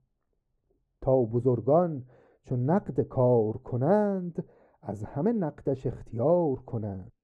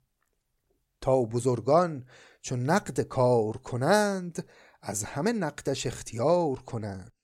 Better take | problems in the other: second | muffled; very; fading above 1.5 kHz

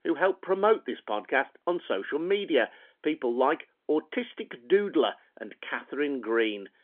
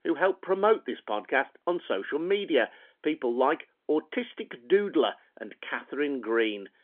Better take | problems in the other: neither | phone-call audio; nothing above 3.5 kHz; the same in both

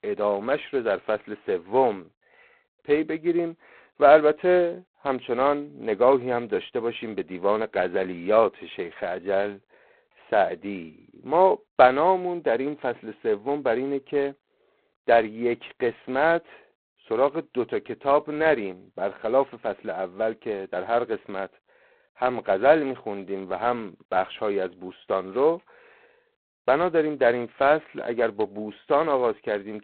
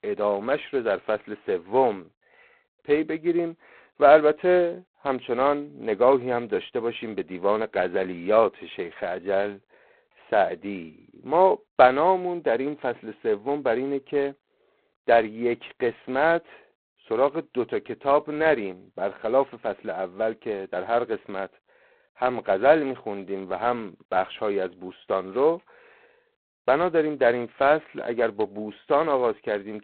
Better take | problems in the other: neither | phone-call audio; poor line; nothing above 4 kHz; the same in both

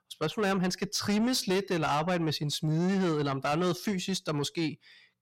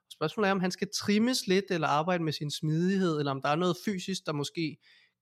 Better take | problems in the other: second | distortion; slight; 10 dB below the speech

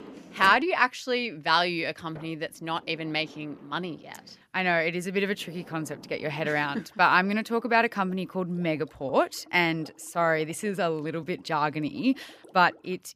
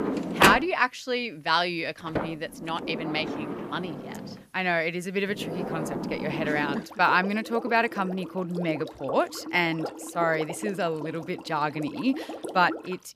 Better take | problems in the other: first | household noises; loud; throughout; 5 dB below the speech; faint in the first

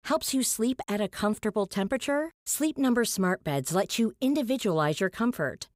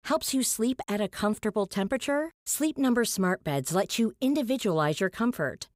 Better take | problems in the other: neither | none

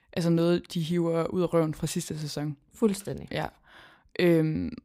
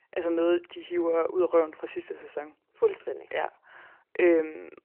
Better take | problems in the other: first | phone-call audio; nothing above 3 kHz

